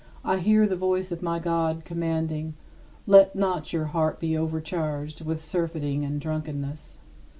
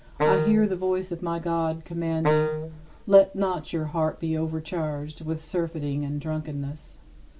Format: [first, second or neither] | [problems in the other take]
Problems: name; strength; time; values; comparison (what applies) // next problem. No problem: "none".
first | background sound (Wind instrument, woodwind instrument); as loud as the speech